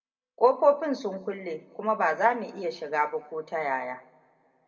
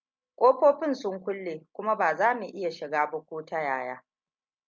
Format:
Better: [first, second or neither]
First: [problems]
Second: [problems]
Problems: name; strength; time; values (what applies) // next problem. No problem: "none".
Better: second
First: room echo; dies away in 1.2 s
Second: none